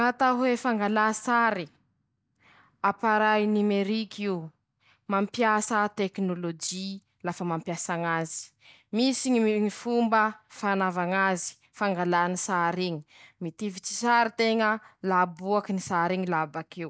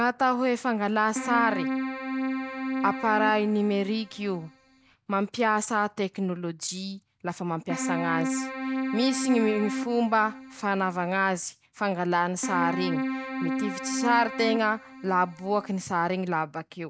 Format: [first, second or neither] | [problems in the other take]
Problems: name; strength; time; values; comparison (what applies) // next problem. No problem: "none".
first | background sound (Keyboard (musical)); 5 dB below the speech